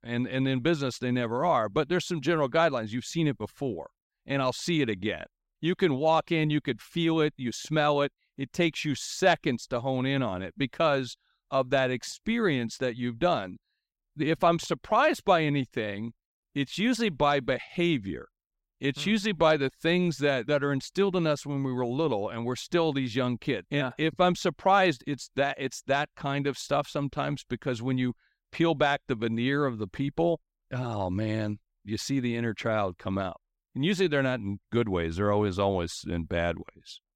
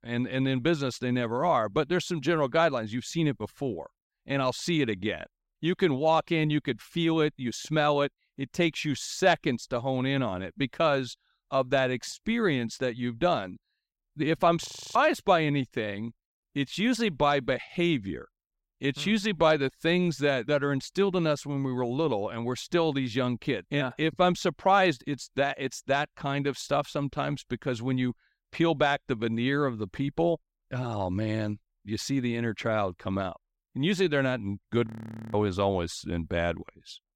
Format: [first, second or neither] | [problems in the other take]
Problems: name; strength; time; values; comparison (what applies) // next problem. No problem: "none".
first | audio freezing; at 15 s and at 35 s